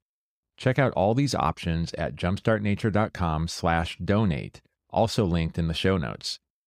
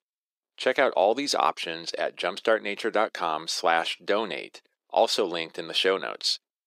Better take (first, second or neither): first